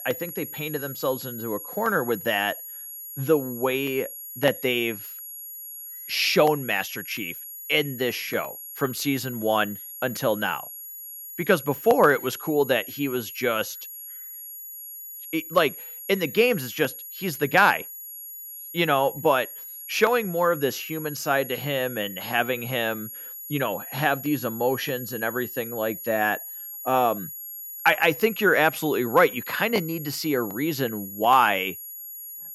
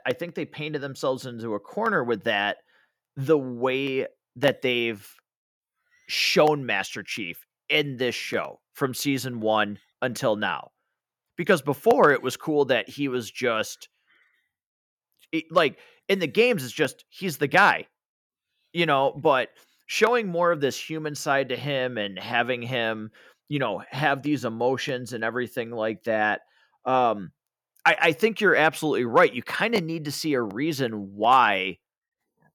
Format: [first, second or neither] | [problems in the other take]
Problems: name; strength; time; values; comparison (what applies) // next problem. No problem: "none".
second | high-pitched whine; noticeable; throughout; 11.5 kHz, 10 dB below the speech